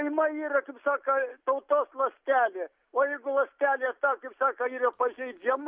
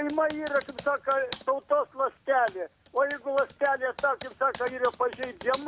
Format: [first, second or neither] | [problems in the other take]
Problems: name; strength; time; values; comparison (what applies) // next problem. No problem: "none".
first | background sound (Computer keyboard); 17 dB below the speech